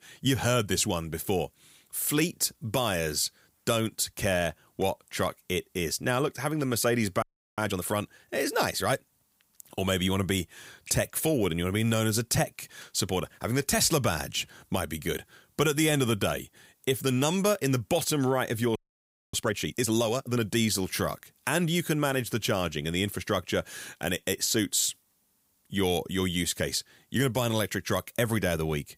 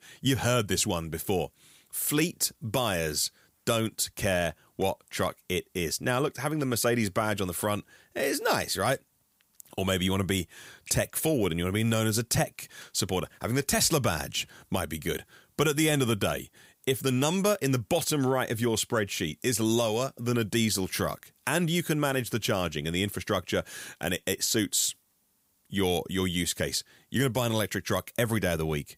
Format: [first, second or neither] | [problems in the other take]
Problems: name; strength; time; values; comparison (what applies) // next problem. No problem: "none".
second | audio freezing; at 7 s and at 19 s for 0.5 s